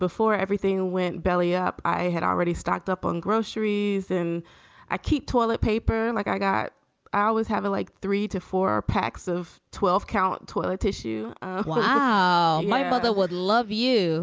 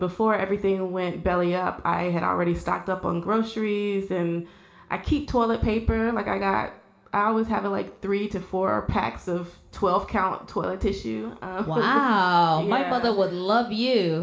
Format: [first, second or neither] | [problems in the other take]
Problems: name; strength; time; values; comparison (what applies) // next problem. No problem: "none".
first | room echo; dies away in 1.9 s